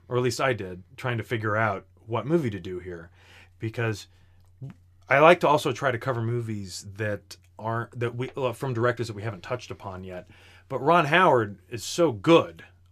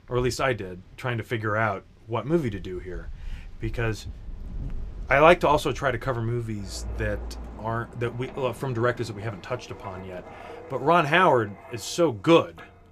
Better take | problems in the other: first | wind in the background; noticeable; throughout; 15 dB below the speech

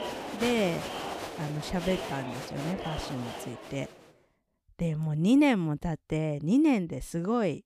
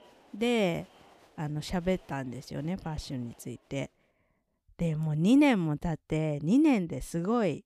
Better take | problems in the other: second | crowd noise; loud; until 3.5 s; 8 dB below the speech; faint in the second

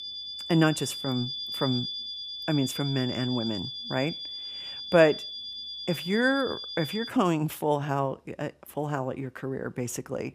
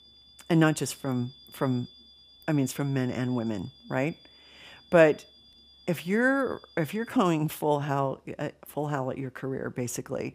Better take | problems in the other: second | high-pitched whine; loud; until 7 s; 3.5 kHz, 6 dB below the speech; faint in the second

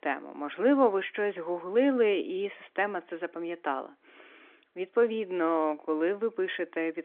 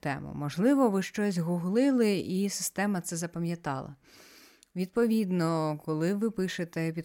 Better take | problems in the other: second | phone-call audio; nothing above 3.5 kHz

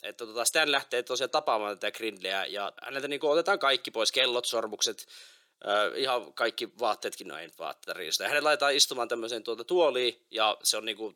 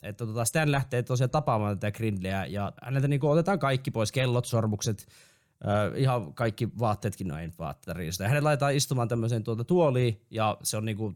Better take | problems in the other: second | thin; very; fading below 350 Hz

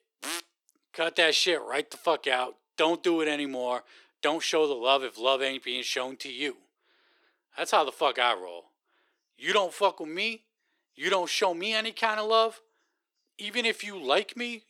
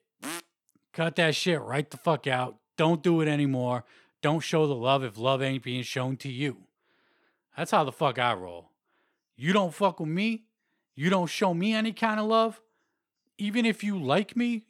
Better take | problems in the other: second | thin; somewhat; fading below 350 Hz

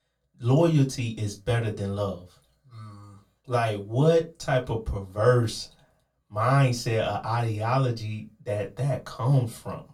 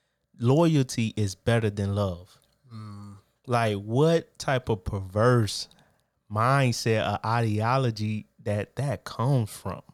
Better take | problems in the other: second | off-mic speech; far // room echo; very slight; dies away in 0.2 s

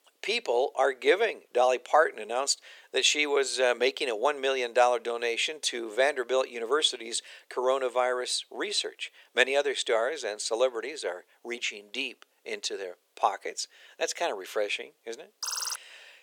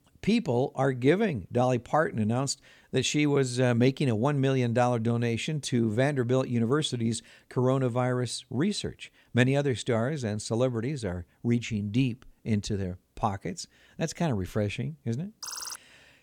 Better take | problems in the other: second | thin; very; fading below 400 Hz

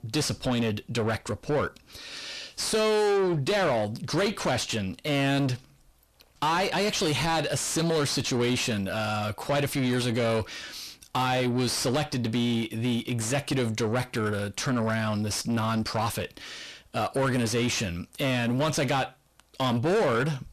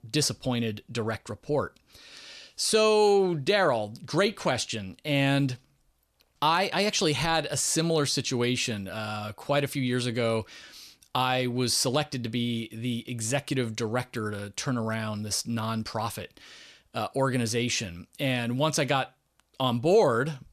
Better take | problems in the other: second | distortion; heavy; 6 dB below the speech

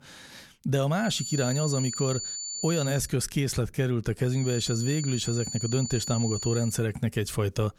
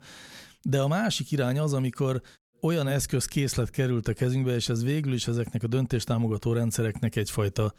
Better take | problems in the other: second | high-pitched whine; loud; from 1 to 3 s and from 4.5 to 6.5 s; 7 kHz, 6 dB below the speech

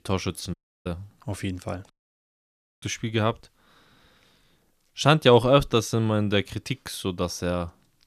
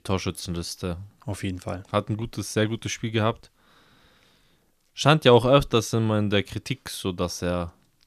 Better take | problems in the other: second | audio cutting out; at 0.5 s and at 2 s for 1 s

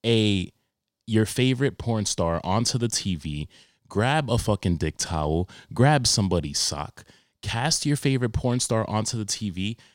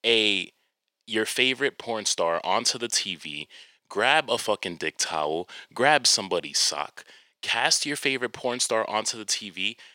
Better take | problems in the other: first | thin; very; fading below 500 Hz

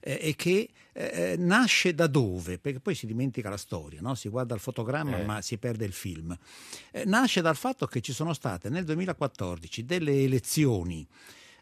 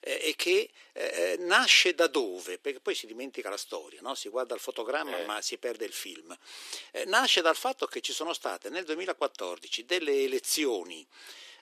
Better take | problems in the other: first | thin; very; fading below 350 Hz

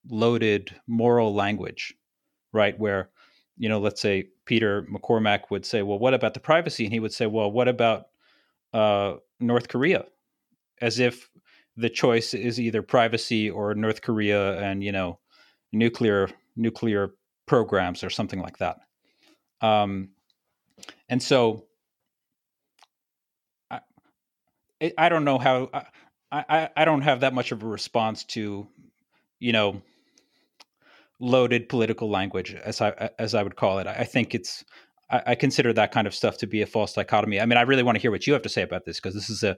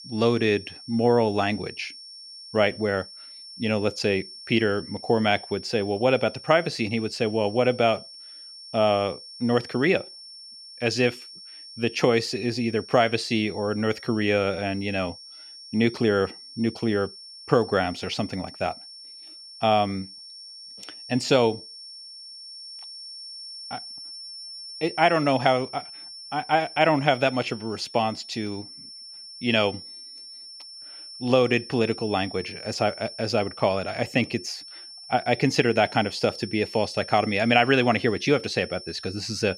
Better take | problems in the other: first | high-pitched whine; noticeable; throughout; 5.5 kHz, 15 dB below the speech

